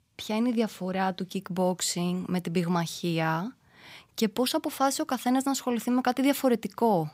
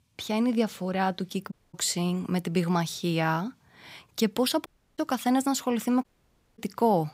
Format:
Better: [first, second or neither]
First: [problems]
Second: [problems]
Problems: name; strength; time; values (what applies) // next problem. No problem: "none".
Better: first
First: none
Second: audio cutting out; at 1.5 s, at 4.5 s and at 6 s for 0.5 s